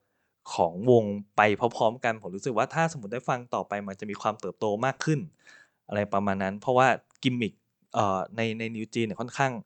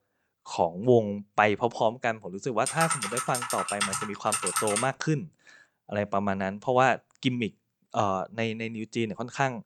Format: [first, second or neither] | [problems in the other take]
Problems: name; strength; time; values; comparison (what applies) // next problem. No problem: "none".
first | keyboard typing; loud; from 2.5 to 5 s; peak 1 dB above the speech